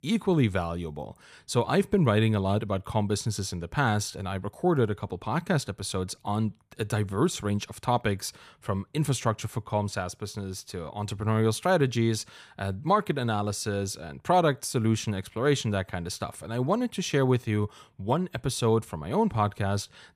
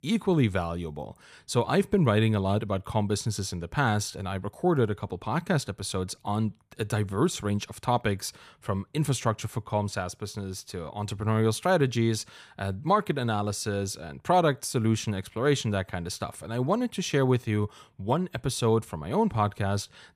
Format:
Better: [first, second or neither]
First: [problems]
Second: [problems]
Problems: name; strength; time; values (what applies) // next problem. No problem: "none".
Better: neither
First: none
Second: none